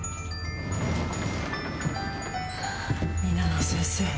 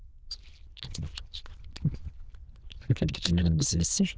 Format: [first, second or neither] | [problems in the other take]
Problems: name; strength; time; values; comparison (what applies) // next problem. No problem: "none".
first | noise reduction (neural diffusion model UNIVERSE++)